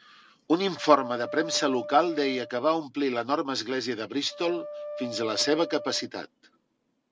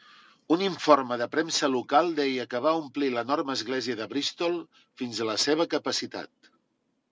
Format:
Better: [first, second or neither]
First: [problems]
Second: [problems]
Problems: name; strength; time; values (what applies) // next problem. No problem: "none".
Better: second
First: background sound (Wind instrument, woodwind instrument); 13 dB below the speech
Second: none